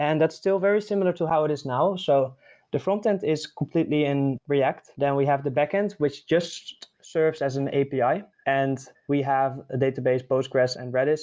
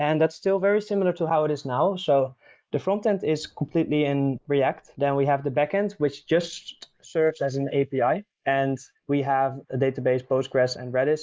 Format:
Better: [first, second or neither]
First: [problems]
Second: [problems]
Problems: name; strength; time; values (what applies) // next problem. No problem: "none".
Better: first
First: none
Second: noise reduction (neural mask model Resemble Enhance denoiser)